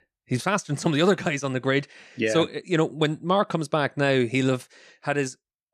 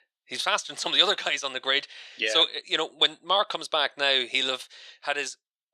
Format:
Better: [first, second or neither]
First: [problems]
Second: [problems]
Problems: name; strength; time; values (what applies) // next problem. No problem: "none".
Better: first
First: none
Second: thin; very; fading below 700 Hz